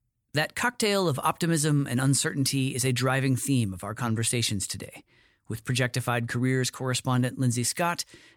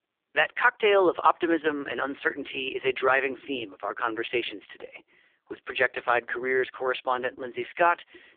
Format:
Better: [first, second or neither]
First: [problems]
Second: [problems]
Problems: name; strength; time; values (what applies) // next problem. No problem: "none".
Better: first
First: none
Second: phone-call audio; poor line